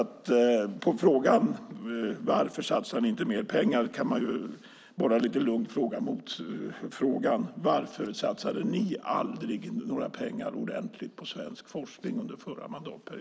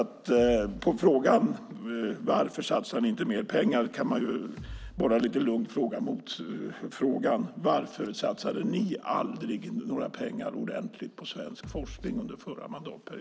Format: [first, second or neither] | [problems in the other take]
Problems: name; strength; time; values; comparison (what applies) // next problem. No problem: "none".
first | background sound (Bass drum); 17 dB below the speech